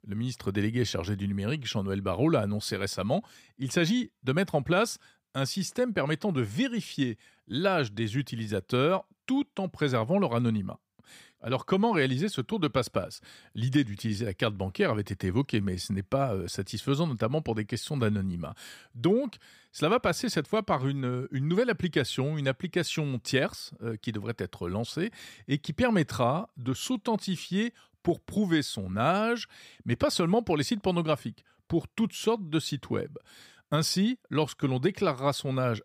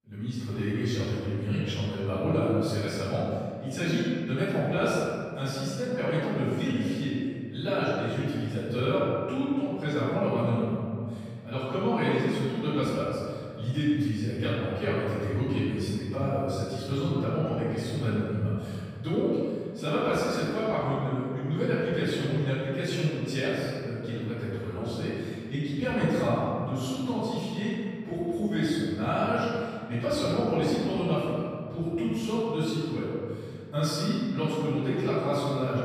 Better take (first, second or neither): first